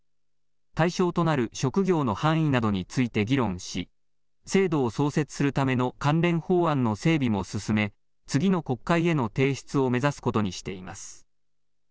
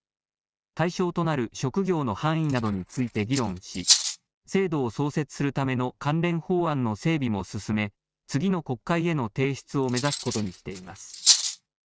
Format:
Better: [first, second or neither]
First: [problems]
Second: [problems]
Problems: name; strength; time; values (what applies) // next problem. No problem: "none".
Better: first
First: none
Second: noise reduction (neural mask model RNNoise)